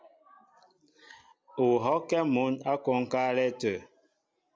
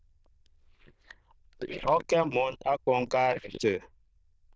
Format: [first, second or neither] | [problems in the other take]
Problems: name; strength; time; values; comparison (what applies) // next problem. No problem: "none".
first | noise reduction (neural diffusion model UNIVERSE++)